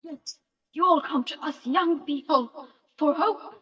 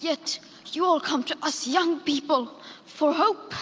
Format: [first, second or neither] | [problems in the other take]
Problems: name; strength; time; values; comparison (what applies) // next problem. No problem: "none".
second | noise reduction (neural mask model DeepFilterNet 3)